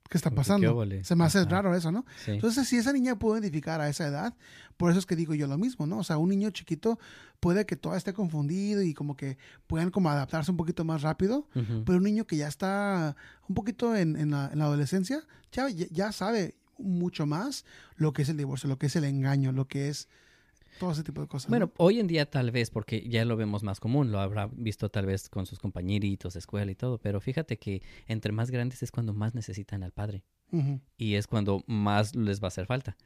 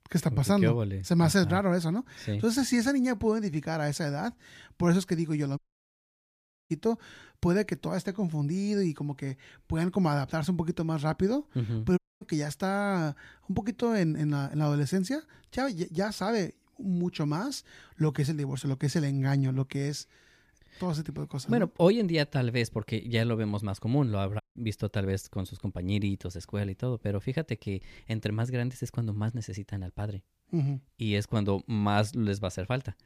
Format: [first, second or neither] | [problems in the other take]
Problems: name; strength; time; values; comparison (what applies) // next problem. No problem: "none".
first | audio cutting out; at 5.5 s for 1 s, at 12 s and at 24 s